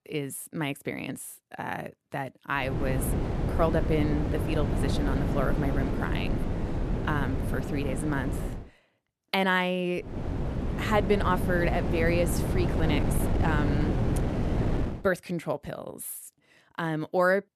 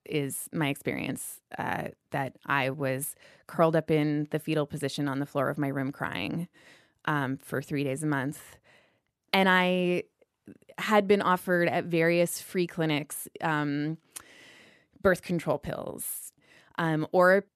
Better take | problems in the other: second | wind noise on the microphone; heavy; from 2.5 to 8.5 s and from 10 to 15 s; 5 dB below the speech

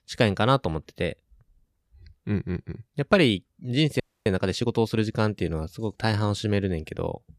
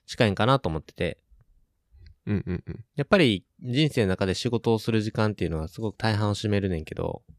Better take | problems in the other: second | audio freezing; at 4 s

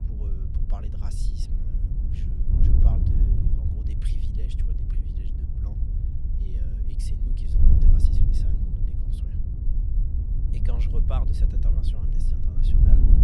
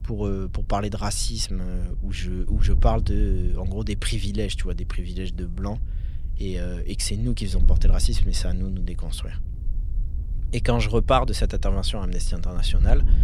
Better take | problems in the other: second | wind noise on the microphone; heavy; 4 dB above the speech; occasional gusts in the second

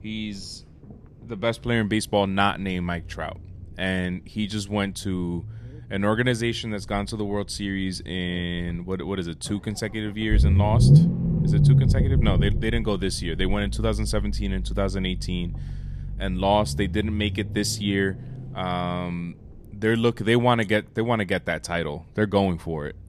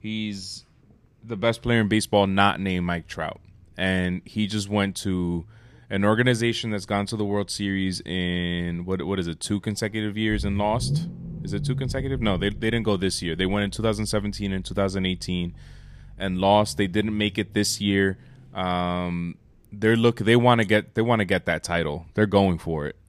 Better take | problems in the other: second | low rumble; loud; throughout; 8 dB below the speech; faint in the second

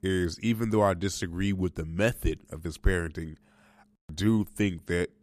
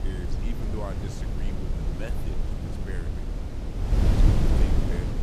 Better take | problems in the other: first | wind noise on the microphone; heavy; 5 dB above the speech

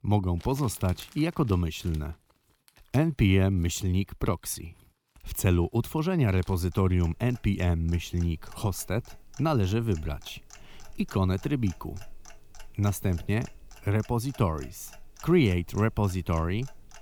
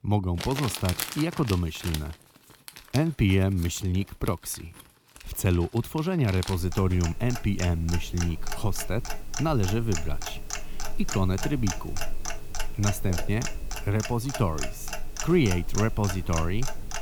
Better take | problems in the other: first | household noises; loud; throughout; 8 dB below the speech; faint in the first

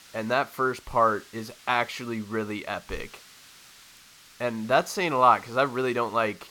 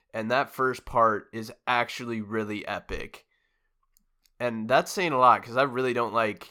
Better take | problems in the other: second | hiss; faint; throughout; 25 dB below the speech

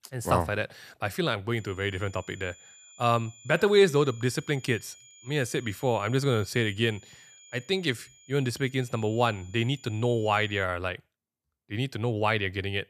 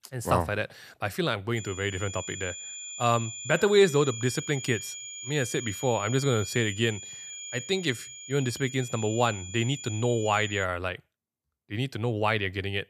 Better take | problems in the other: first | high-pitched whine; loud; from 1.5 to 11 s; 7 kHz, 10 dB below the speech; faint in the first

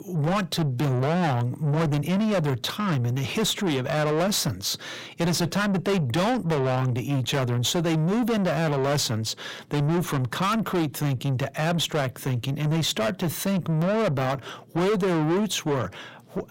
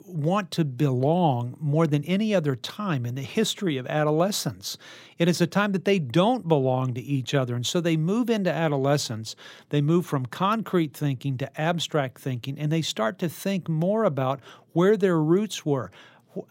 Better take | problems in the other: second | distortion; heavy; 6 dB below the speech

